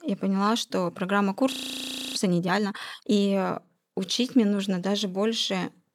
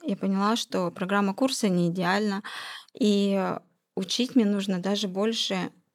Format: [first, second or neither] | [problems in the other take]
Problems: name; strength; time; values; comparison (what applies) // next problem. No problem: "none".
second | audio freezing; at 1.5 s for 0.5 s